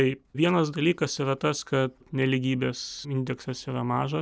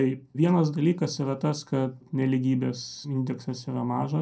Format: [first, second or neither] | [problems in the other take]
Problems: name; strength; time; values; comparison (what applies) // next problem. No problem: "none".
first | room echo; dies away in 0.2 s